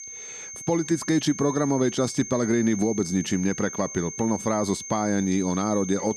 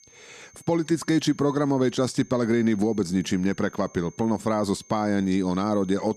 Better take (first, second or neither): second